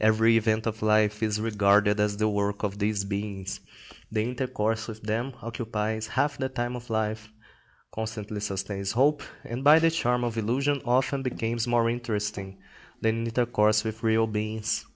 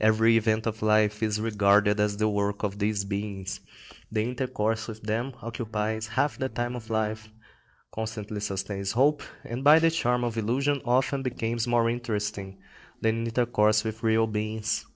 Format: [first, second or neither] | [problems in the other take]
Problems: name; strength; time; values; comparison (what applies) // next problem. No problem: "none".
first | noise reduction (neural separator model SepFormer DNS4)